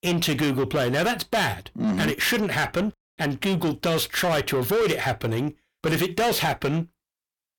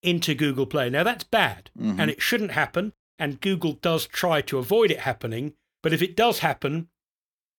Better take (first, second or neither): second